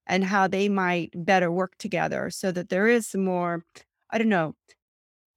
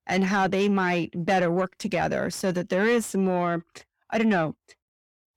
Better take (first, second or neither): first